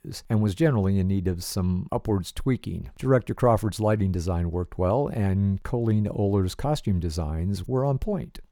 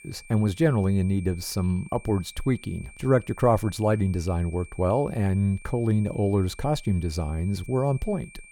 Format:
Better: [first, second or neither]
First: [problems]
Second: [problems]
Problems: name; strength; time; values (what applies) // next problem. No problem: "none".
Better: first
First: none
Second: high-pitched whine; faint; throughout; 2.5 kHz, 20 dB below the speech